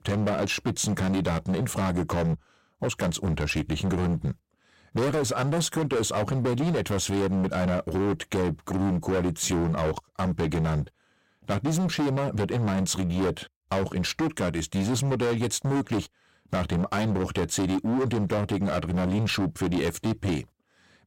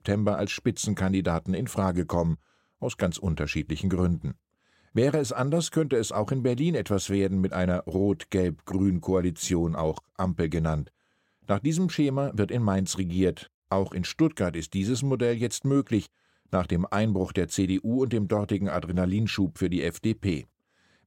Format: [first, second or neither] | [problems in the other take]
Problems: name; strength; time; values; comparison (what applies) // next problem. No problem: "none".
second | distortion; heavy; 25% of the sound clipped